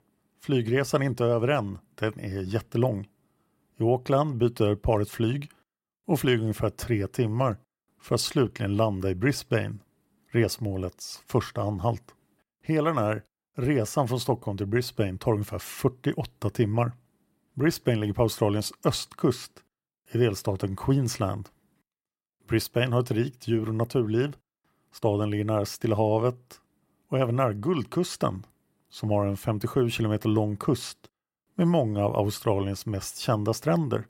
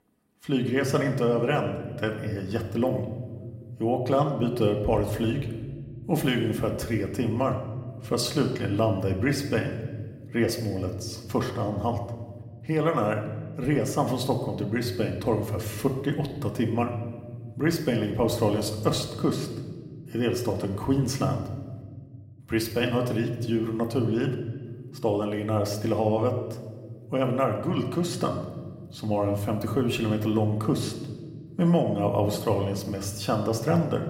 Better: first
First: none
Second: room echo; slight; dies away in 1.2 s

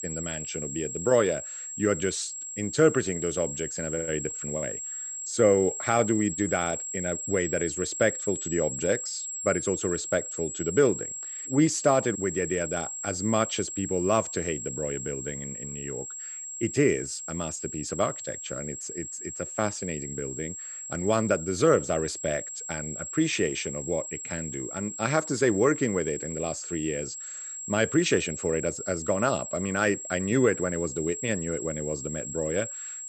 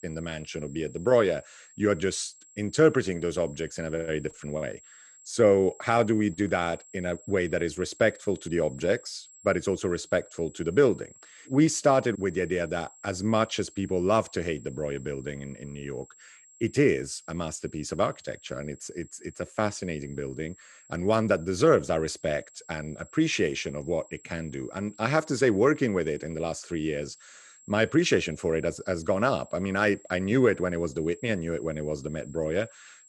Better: second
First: high-pitched whine; loud; throughout; 7.5 kHz, 6 dB below the speech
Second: high-pitched whine; faint; throughout; 7.5 kHz, 25 dB below the speech

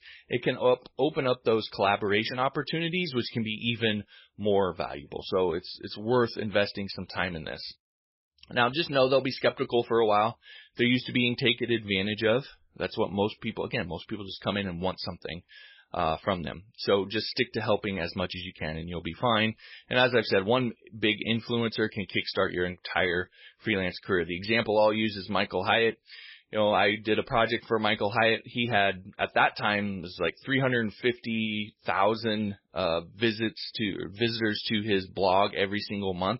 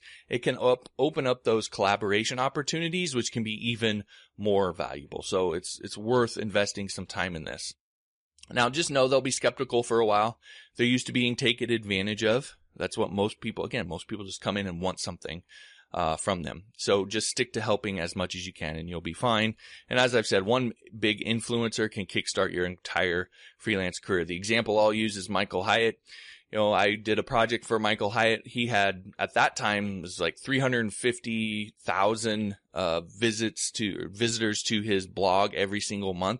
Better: second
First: garbled, watery; badly; nothing above 5.5 kHz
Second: garbled, watery; slightly; nothing above 10 kHz

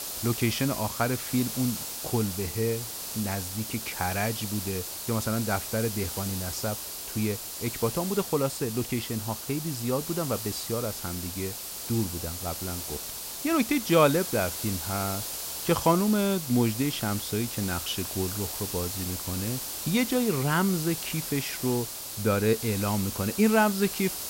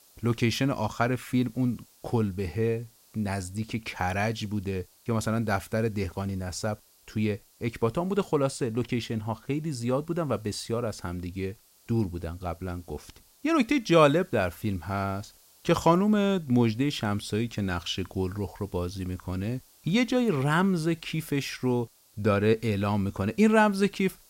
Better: second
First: hiss; loud; throughout; 5 dB below the speech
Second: hiss; faint; throughout; 30 dB below the speech

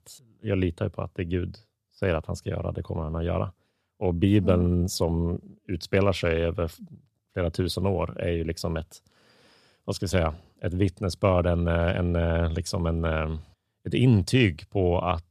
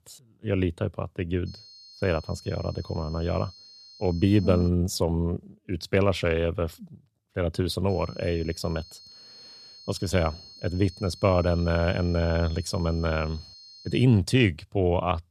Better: first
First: none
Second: high-pitched whine; noticeable; from 1.5 to 4.5 s and from 8 to 14 s; 4.5 kHz, 20 dB below the speech

